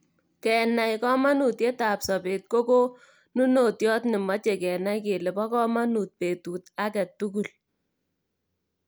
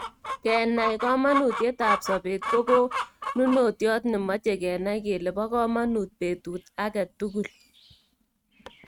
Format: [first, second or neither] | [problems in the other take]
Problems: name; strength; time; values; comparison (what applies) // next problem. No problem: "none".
first | noise reduction (neural mask model RNNoise)